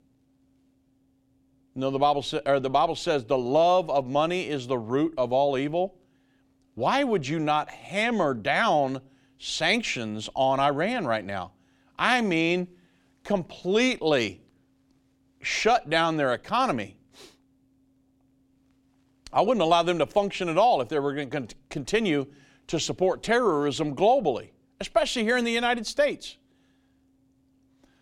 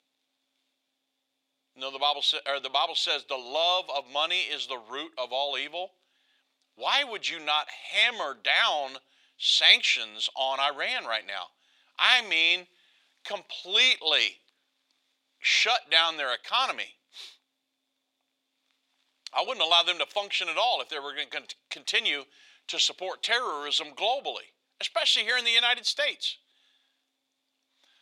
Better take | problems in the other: first | thin; very; fading below 850 Hz

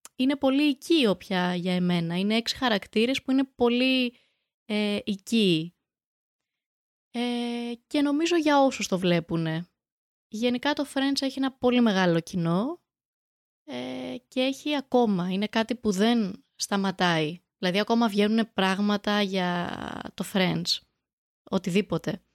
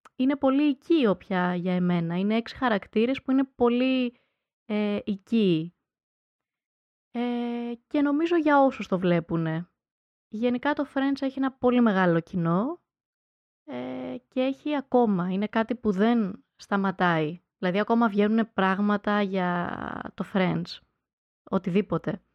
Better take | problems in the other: first | muffled; very; fading above 3.5 kHz

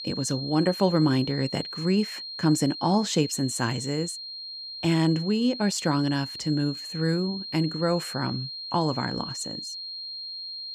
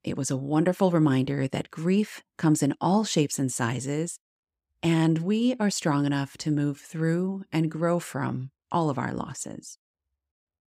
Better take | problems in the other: second | high-pitched whine; loud; throughout; 4 kHz, 8 dB below the speech

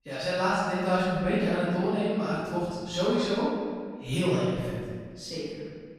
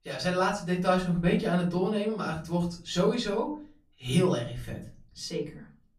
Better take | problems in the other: second | room echo; strong; dies away in 1.7 s; slight in the second // off-mic speech; far; far in the second

